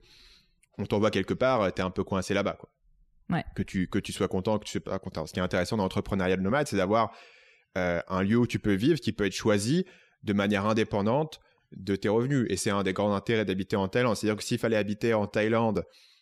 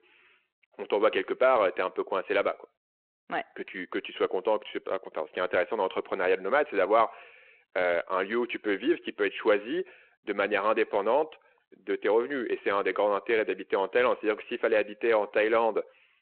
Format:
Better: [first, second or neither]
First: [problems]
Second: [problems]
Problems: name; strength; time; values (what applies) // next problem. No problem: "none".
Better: first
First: none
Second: phone-call audio